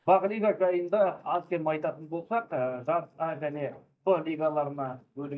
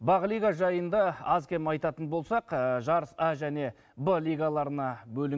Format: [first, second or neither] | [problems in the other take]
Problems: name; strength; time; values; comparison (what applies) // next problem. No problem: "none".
second | noise reduction (neural mask model DeepFilterNet 3)